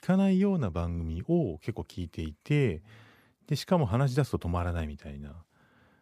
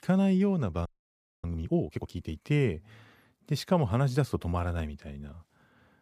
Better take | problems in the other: first | audio freezing; at 1 s for 0.5 s

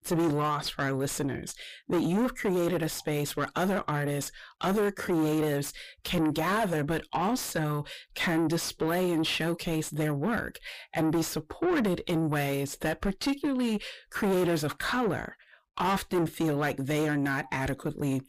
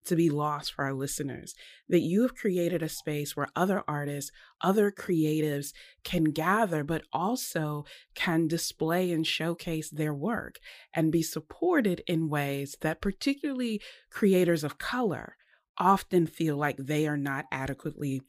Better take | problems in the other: second | distortion; heavy; 6 dB below the speech

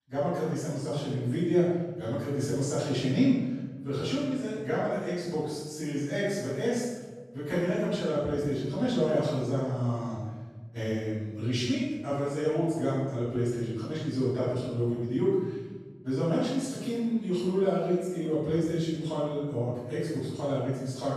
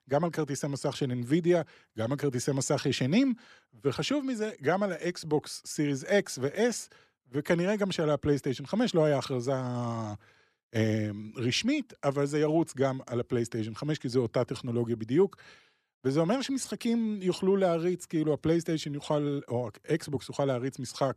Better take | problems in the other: second | off-mic speech; far // room echo; strong; dies away in 1.2 s

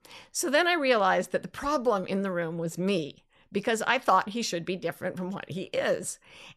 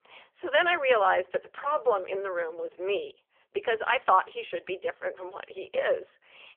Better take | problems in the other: first | phone-call audio; poor line; nothing above 3 kHz

